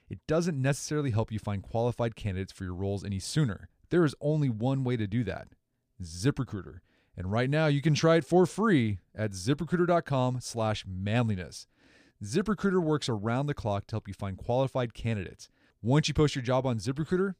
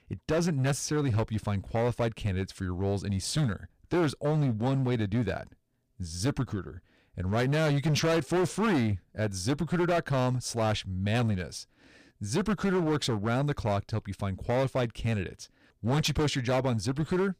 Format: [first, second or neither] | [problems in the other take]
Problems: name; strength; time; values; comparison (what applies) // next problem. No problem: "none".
first | distortion; heavy; 14% of the sound clipped